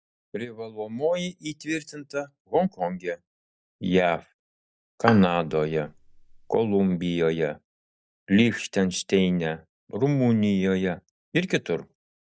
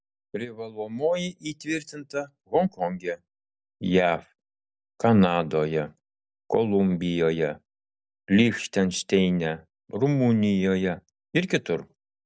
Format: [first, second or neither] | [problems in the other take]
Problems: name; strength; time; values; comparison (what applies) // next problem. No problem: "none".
second | noise reduction (neural mask model DeepFilterNet 3)